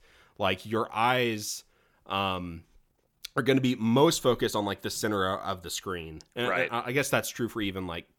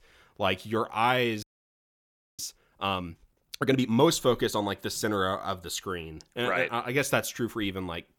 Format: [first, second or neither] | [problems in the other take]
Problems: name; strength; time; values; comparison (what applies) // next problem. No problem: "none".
first | audio freezing; at 1.5 s for 1 s